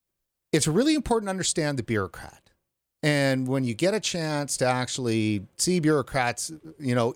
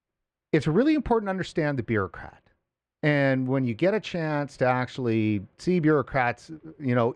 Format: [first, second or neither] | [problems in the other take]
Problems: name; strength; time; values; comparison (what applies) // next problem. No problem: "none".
first | muffled; very; fading above 2 kHz